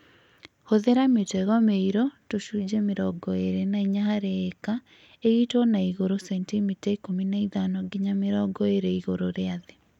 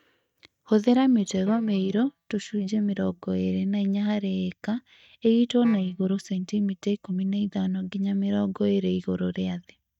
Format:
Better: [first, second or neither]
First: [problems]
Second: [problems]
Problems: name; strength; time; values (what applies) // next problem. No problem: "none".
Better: first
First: none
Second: noise reduction (neural mask model DeepFilterNet 3)